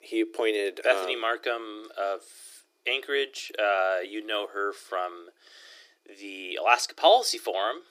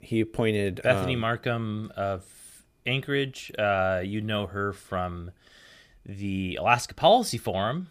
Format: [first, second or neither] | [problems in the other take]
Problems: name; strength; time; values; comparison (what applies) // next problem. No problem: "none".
second | thin; very; fading below 300 Hz